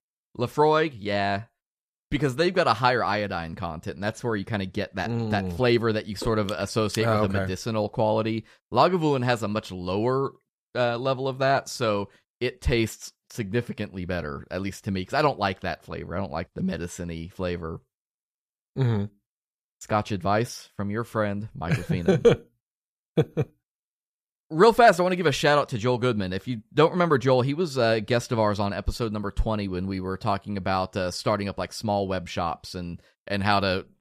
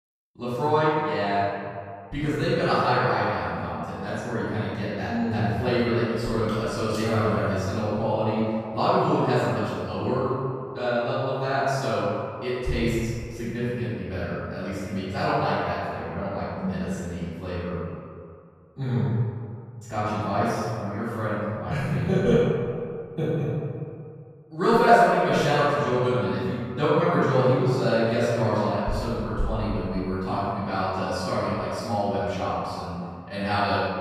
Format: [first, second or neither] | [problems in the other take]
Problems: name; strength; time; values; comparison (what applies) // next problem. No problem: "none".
first | room echo; strong; dies away in 2 s // off-mic speech; far